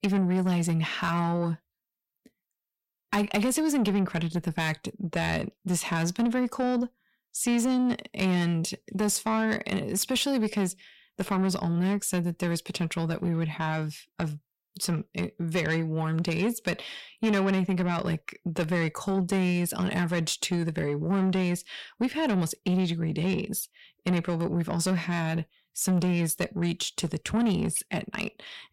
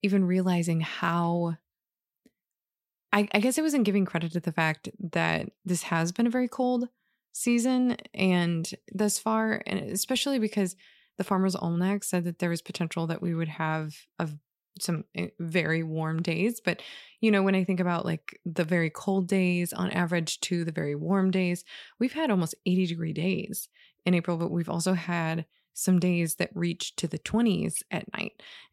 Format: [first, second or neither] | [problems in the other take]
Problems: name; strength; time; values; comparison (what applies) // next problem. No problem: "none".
second | distortion; slight; 10 dB below the speech